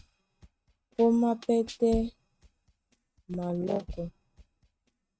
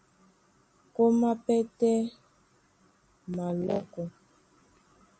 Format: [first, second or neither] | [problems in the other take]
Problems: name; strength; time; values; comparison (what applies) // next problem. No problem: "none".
second | noise reduction (neural mask model RNNoise)